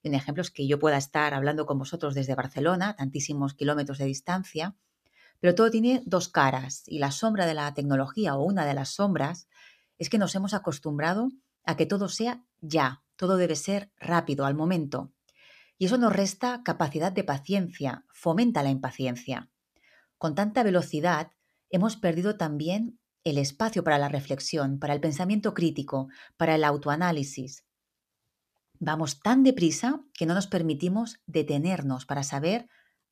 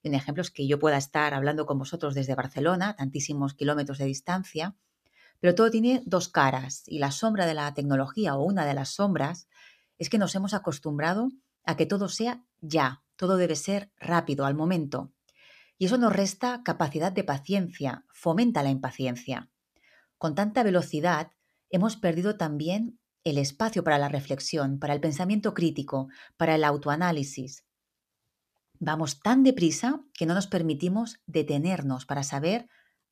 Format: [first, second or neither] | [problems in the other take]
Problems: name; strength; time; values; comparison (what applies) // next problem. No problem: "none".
neither | none